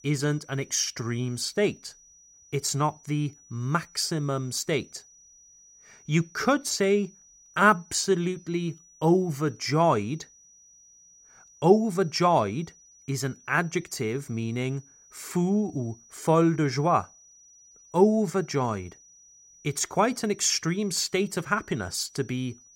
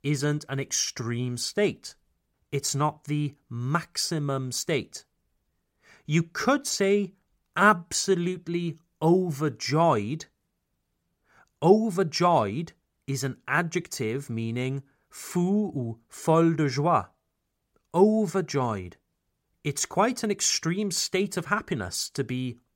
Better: second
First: high-pitched whine; faint; throughout; 6 kHz, 25 dB below the speech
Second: none

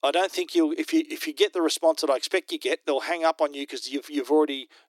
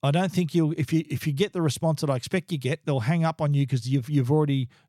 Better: second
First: thin; very; fading below 300 Hz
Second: none

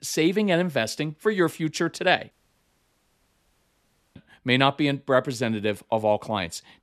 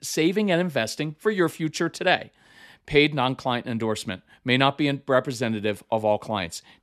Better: second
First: audio cutting out; at 2.5 s for 2 s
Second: none

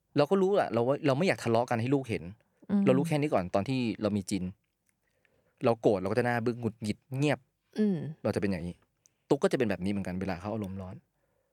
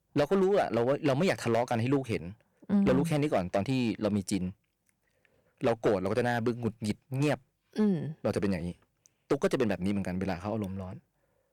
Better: first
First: none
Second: distortion; slight; 4% of the sound clipped

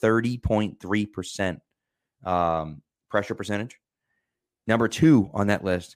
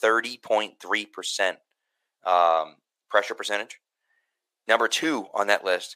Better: first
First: none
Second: thin; very; fading below 550 Hz

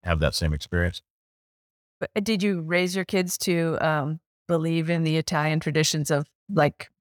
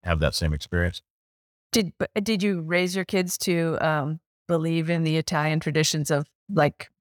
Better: second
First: audio cutting out; at 1.5 s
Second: none

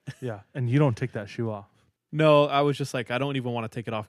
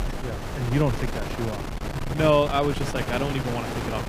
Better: first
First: none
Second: wind noise on the microphone; heavy; 7 dB below the speech

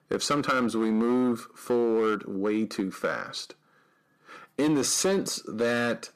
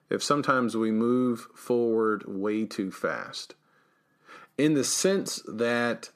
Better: second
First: distortion; slight; 6% of the sound clipped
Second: none

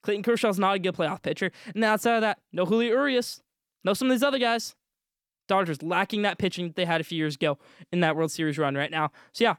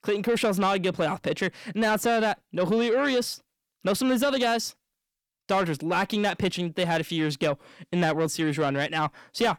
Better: first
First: none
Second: distortion; slight; 10 dB below the speech

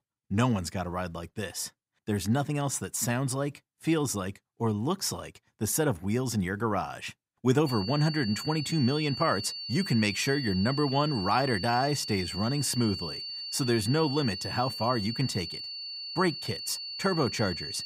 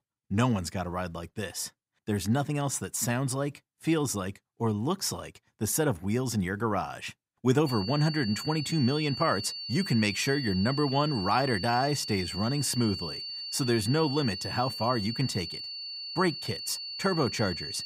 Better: neither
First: high-pitched whine; loud; from 7.5 s on; 4.5 kHz, 6 dB below the speech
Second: high-pitched whine; loud; from 7.5 s on; 4.5 kHz, 6 dB below the speech

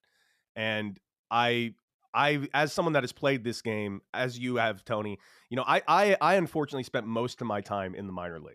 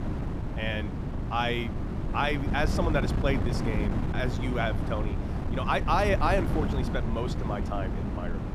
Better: first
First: none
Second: wind noise on the microphone; heavy; 8 dB below the speech

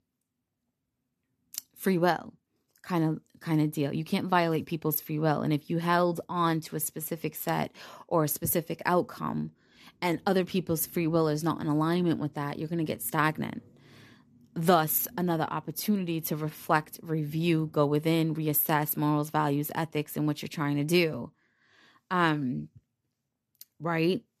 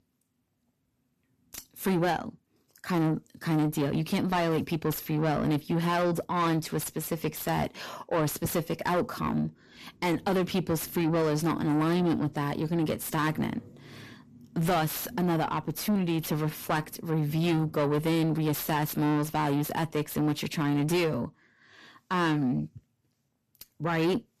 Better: first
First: none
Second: distortion; heavy; 7 dB below the speech

